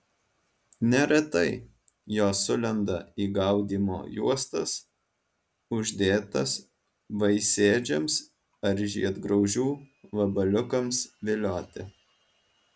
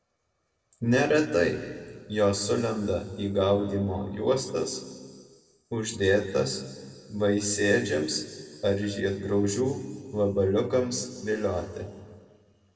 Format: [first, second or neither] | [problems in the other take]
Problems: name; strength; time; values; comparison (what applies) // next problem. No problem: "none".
first | noise reduction (neural separator model SepFormer DNS4)